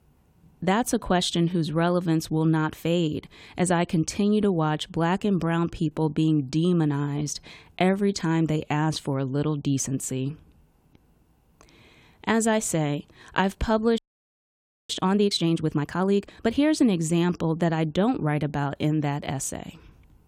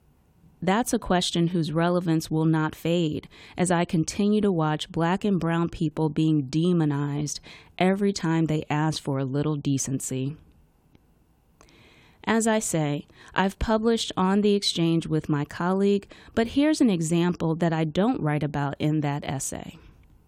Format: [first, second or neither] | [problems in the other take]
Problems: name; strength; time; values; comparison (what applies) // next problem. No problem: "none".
second | audio freezing; at 14 s for 1 s